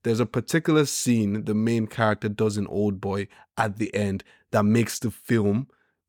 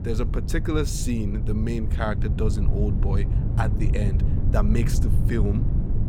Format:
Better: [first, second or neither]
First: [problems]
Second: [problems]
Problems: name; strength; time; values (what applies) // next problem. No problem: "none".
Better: first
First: none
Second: low rumble; loud; throughout; 6 dB below the speech